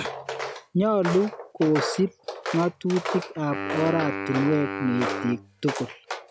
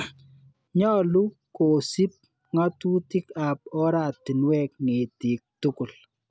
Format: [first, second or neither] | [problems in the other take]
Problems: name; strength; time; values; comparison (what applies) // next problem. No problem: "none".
second | background sound (Walk, footsteps + Wind instrument, woodwind instrument); 6 dB below the speech